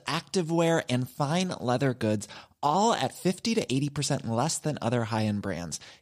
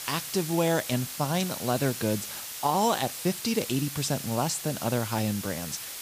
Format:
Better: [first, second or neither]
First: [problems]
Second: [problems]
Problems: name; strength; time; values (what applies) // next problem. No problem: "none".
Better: first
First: none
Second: hiss; loud; throughout; 7 dB below the speech